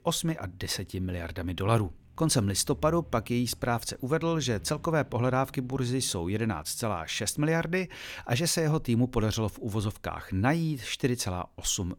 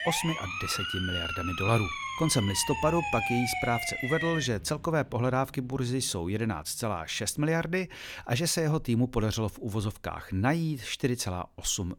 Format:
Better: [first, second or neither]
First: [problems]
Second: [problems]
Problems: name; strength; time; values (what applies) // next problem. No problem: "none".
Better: first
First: none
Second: siren; noticeable; until 4.5 s; peak level with the speech